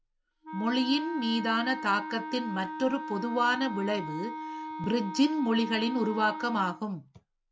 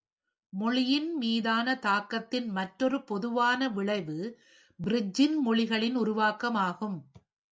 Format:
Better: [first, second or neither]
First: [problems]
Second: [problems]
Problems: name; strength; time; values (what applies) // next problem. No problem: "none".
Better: second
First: background sound (Wind instrument, woodwind instrument); 9 dB below the speech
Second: none